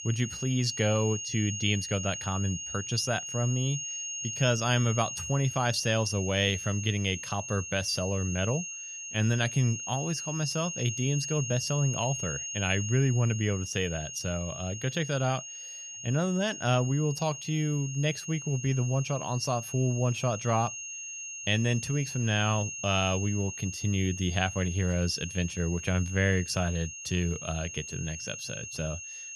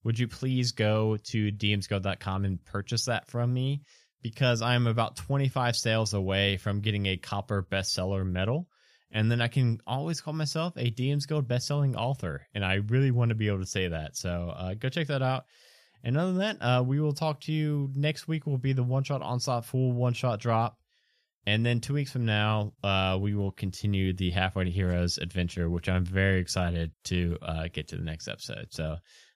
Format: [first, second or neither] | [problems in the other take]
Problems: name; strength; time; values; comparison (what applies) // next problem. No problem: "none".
second | high-pitched whine; loud; throughout; 6.5 kHz, 7 dB below the speech